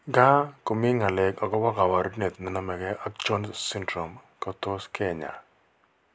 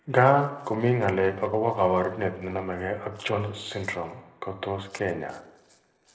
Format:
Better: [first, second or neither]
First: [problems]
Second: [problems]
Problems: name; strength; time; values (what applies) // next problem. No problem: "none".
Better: first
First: none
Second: noise reduction (neural separator model SepFormer DNS4)